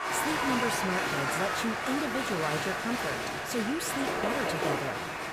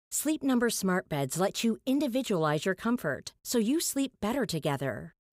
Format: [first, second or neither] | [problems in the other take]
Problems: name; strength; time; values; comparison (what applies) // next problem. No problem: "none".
second | crowd noise; very loud; throughout; 3 dB above the speech